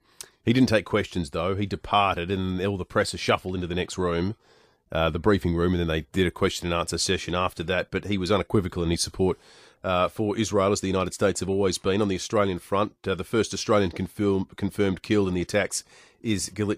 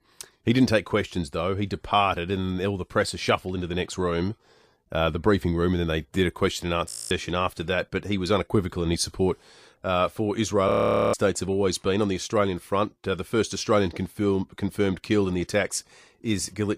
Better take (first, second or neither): first